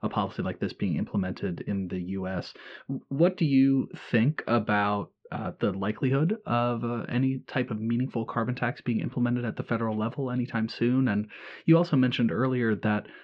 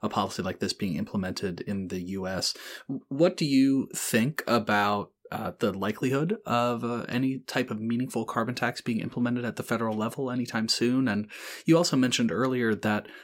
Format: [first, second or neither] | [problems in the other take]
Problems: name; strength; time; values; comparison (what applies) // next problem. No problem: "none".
second | muffled; slightly; fading above 3.5 kHz